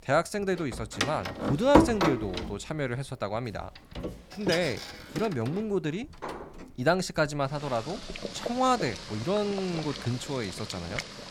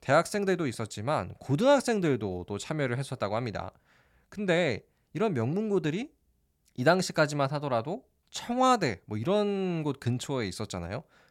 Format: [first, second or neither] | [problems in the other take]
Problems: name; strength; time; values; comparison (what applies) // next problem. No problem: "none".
second | household noises; loud; throughout; 3 dB below the speech